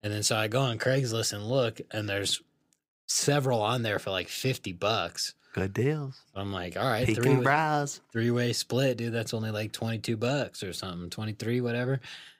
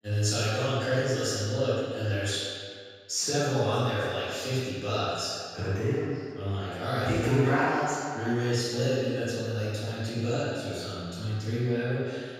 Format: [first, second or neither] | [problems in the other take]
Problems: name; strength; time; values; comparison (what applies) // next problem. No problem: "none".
first | room echo; strong; dies away in 1.8 s // off-mic speech; far